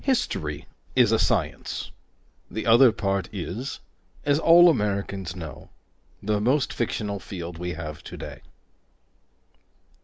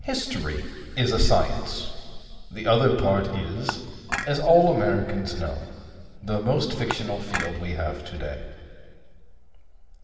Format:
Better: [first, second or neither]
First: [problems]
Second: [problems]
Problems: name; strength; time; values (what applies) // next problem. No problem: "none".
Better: first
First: none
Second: background sound (Dishes, pots, and pans / Chink, clink); 8 dB below the speech // room echo; dies away in 2.3 s